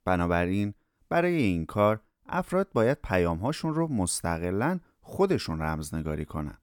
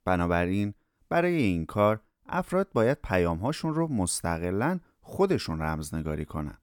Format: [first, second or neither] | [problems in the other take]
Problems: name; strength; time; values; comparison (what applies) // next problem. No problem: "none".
neither | none